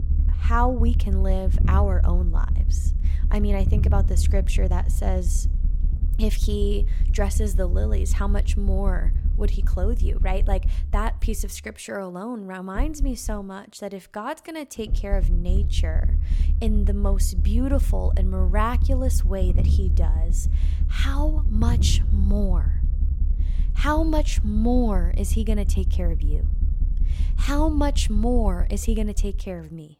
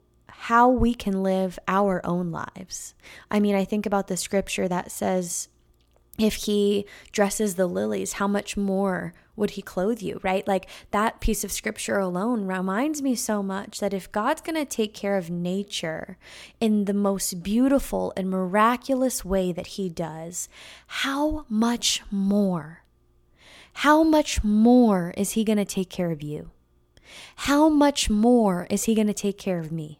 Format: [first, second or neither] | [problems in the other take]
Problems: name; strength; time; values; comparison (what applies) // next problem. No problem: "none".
second | low rumble; noticeable; throughout; 10 dB below the speech